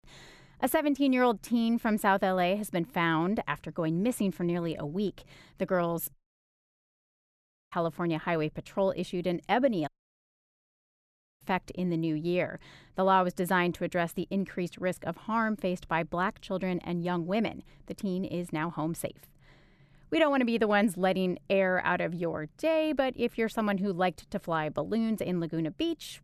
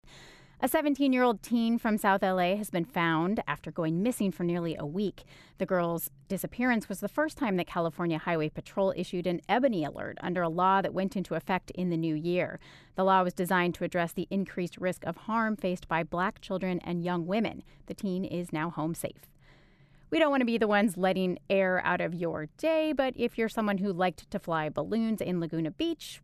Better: second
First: audio cutting out; at 6 s for 1.5 s and at 10 s for 1.5 s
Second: none

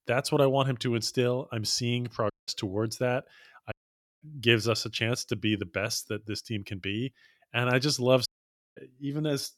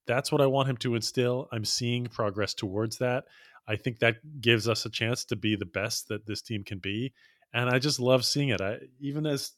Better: second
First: audio cutting out; at 2.5 s, at 3.5 s and at 8.5 s for 0.5 s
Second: none

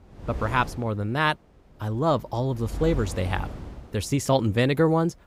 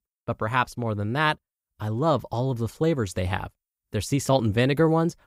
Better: second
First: wind noise on the microphone; occasional gusts; 20 dB below the speech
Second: none

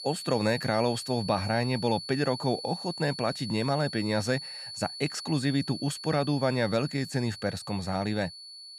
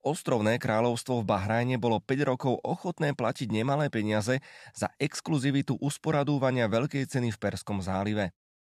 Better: second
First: high-pitched whine; loud; throughout; 4.5 kHz, 9 dB below the speech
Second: none

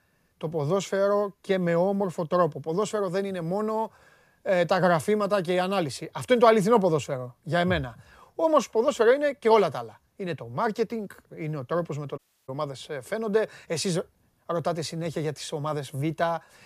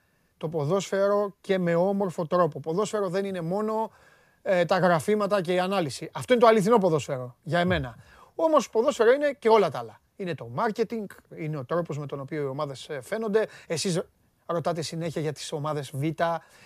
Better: second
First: audio cutting out; at 12 s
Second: none

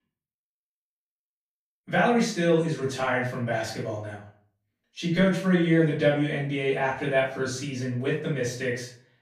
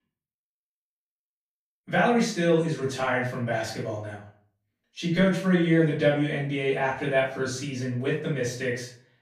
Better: neither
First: room echo; noticeable; dies away in 0.4 s // off-mic speech; far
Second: room echo; noticeable; dies away in 0.4 s // off-mic speech; far

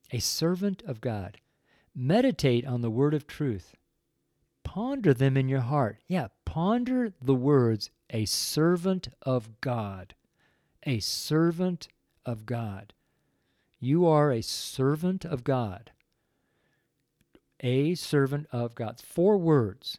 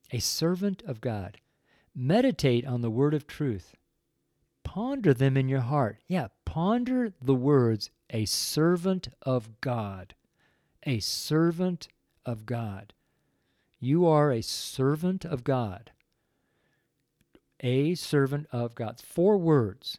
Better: neither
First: none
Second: none

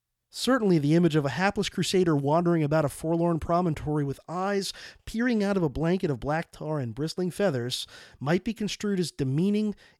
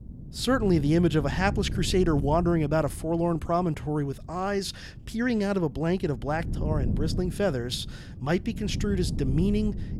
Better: first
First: none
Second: wind noise on the microphone; occasional gusts; 15 dB below the speech

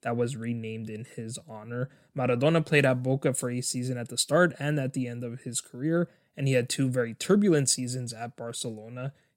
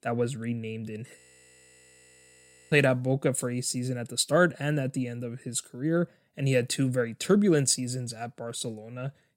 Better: first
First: none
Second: audio freezing; at 1 s for 1.5 s

